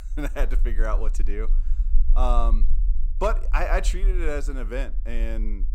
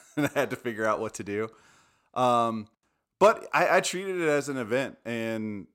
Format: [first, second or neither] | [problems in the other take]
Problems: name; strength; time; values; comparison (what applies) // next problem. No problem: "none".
second | low rumble; faint; throughout; 20 dB below the speech